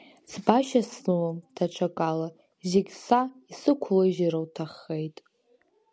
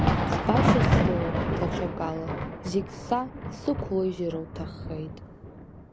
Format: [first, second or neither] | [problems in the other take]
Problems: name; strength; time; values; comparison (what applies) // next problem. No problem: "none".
first | background sound (Thunder); 4 dB above the speech